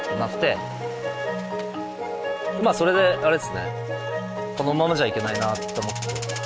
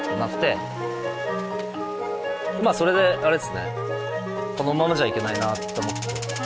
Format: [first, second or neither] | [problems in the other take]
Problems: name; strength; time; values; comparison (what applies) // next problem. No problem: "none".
first | background sound (Wind instrument, woodwind instrument); 11 dB below the speech